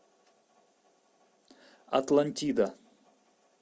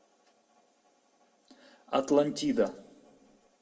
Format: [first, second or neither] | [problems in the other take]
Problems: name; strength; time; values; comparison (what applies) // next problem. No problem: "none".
first | room echo; dies away in 0.7 s